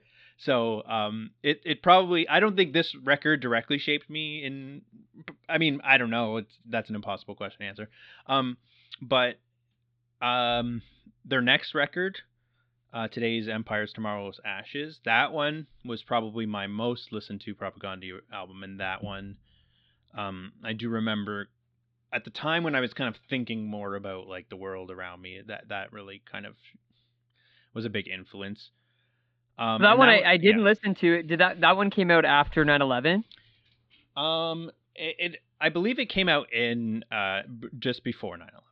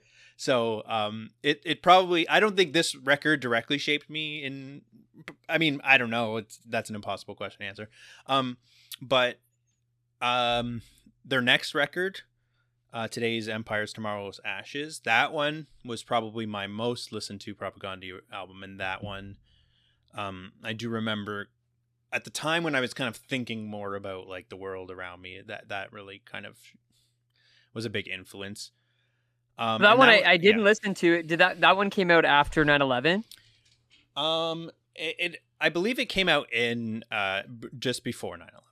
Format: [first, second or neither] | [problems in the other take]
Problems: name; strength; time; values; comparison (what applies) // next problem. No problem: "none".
second | muffled; slightly; fading above 4 kHz